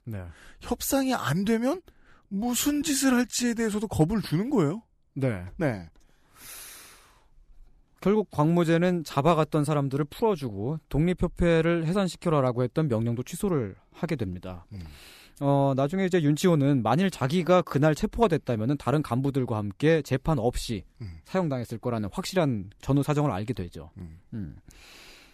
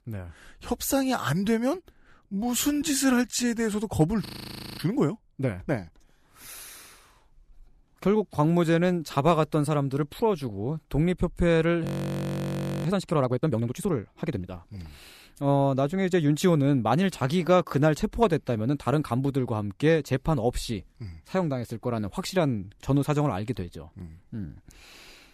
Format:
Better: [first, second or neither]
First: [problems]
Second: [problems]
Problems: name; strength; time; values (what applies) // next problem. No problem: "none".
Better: first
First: none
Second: audio freezing; at 4.5 s for 0.5 s and at 12 s for 1 s